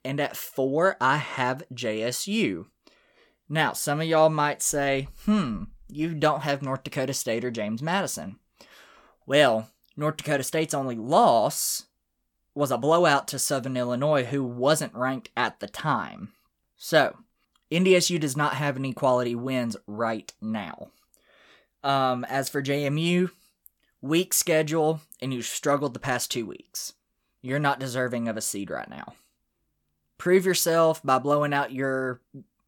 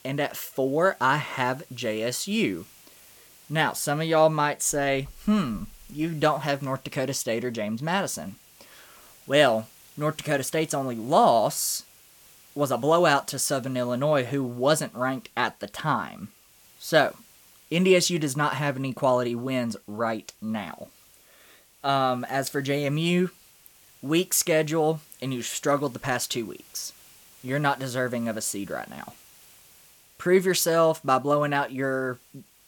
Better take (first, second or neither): first